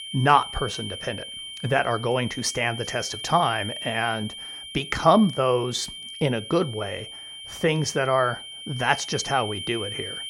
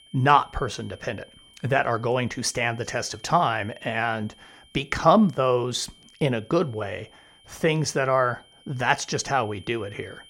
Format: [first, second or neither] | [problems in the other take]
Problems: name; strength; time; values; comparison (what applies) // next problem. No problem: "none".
second | high-pitched whine; loud; throughout; 3 kHz, 10 dB below the speech; faint in the second